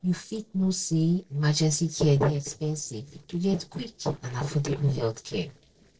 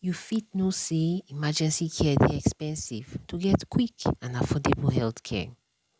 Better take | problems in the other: second | noise reduction (neural separator model SepFormer DNS4)

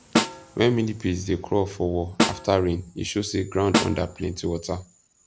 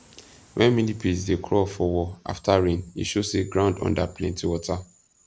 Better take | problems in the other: second | background sound (Snare drum); 3 dB below the speech

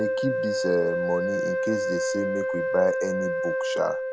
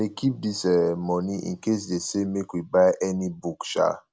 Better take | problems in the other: second | background sound (Wind instrument, woodwind instrument); 2 dB above the speech

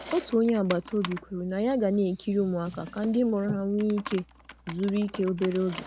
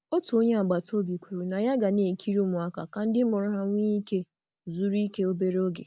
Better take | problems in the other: second | background sound (Computer keyboard + Drawer open or close); 15 dB below the speech

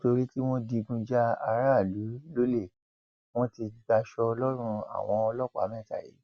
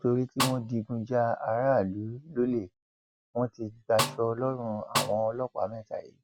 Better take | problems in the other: first | background sound (Snare drum); 4 dB below the speech

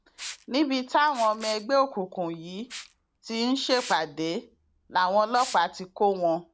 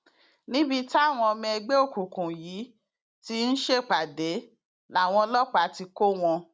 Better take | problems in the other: second | background sound (Liquid); 18 dB below the speech

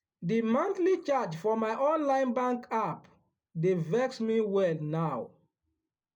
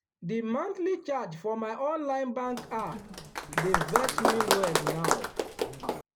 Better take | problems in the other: first | background sound (Applause); 3 dB above the speech

